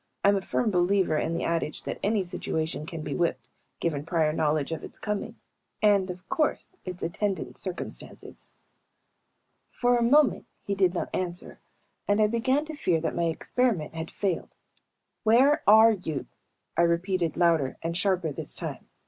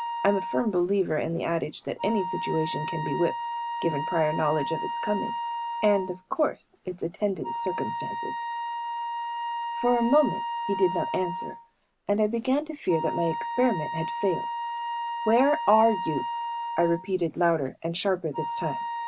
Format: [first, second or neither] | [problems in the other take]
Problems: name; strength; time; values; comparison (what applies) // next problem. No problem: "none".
first | background sound (Wind instrument, woodwind instrument); 5 dB below the speech